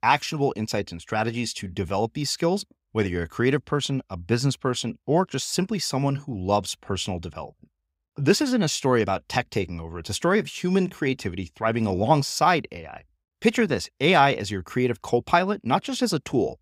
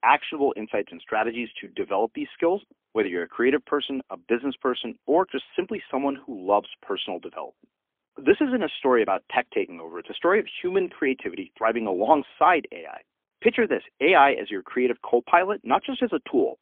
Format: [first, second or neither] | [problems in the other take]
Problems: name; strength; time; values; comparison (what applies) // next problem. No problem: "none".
first | phone-call audio; poor line; nothing above 3.5 kHz